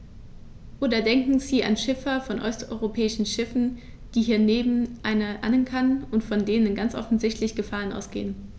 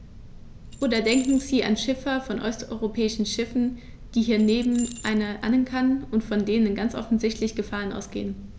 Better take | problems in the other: first | background sound (Keys jangling); 18 dB below the speech

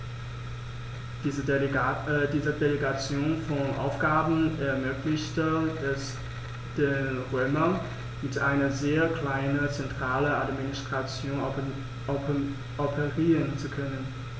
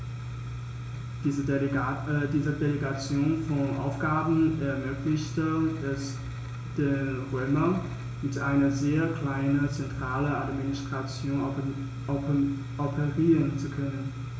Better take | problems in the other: first | room echo; dies away in 0.4 s

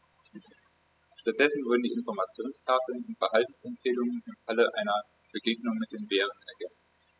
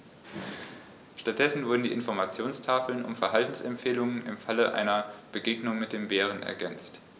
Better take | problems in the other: second | noise reduction (classical method spectral subtraction)

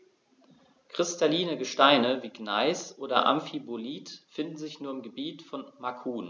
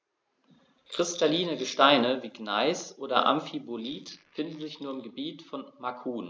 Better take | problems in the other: first | noise reduction (neural mask model Resemble Enhance denoiser)

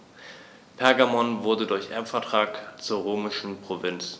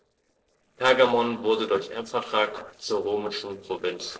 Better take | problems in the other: first | noise reduction (neural separator model SepFormer DNS4)

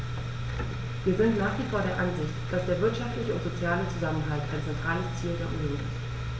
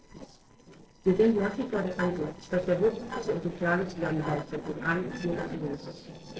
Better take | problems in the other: first | noise reduction (neural separator model SepFormer DNS4)

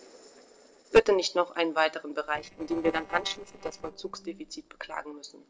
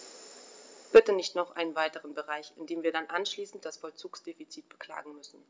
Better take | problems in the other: second | noise reduction (neural separator model SepFormer DNS4)

